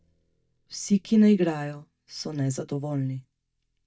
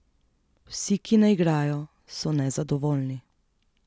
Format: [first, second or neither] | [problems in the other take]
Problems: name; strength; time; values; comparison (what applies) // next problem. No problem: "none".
second | noise reduction (neural mask model DeepFilterNet 3)